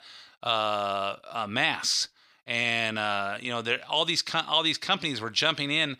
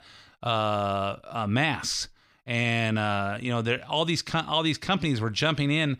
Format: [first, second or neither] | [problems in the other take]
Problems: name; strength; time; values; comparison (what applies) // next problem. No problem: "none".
second | thin; somewhat; fading below 600 Hz